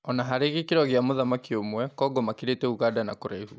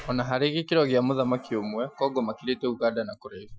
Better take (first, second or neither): first